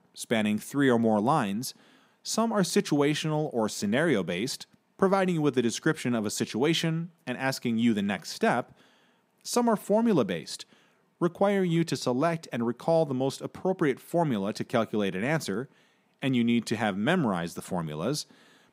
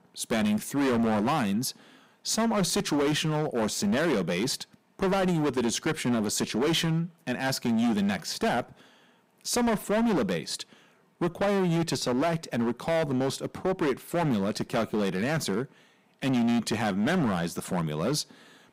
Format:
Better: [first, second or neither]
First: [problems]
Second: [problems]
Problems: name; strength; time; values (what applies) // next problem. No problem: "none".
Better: first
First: none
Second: distortion; heavy; 17% of the sound clipped